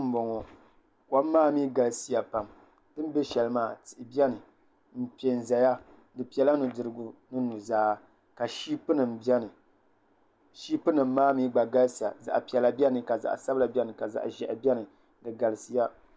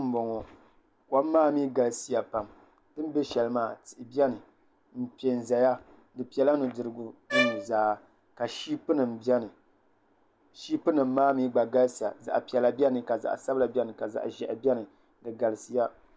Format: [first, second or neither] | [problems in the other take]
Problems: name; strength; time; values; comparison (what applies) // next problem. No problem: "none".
first | background sound (Bowed string instrument); 3 dB below the speech